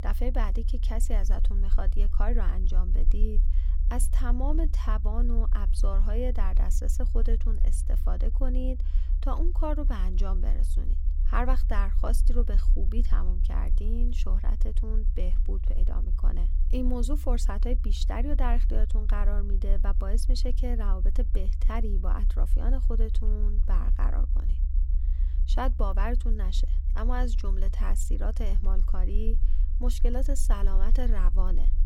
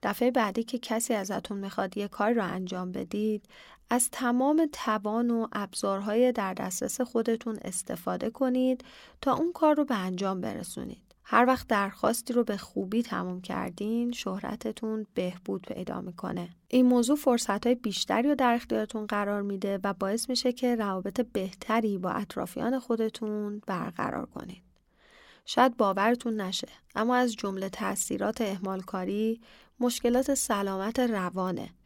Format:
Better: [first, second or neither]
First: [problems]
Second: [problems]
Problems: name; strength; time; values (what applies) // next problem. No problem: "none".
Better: second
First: low rumble; noticeable; throughout; 15 dB below the speech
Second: none